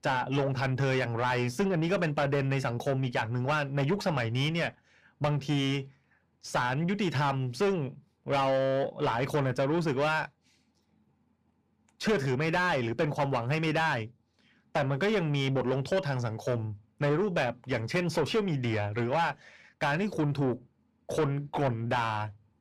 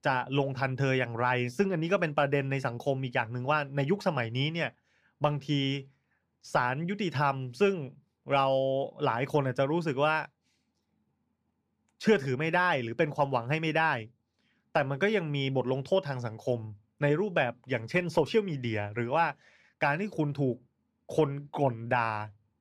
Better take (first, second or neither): second